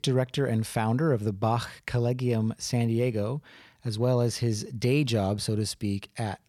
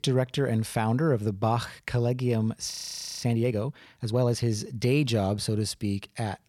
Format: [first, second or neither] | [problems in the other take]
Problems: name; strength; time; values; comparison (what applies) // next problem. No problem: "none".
first | audio freezing; at 2.5 s for 0.5 s